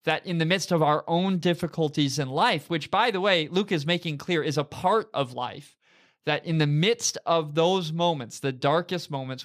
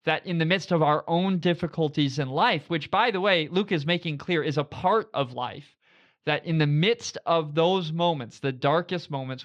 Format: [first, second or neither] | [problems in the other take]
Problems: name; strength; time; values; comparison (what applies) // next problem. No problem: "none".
first | muffled; very slightly; fading above 3 kHz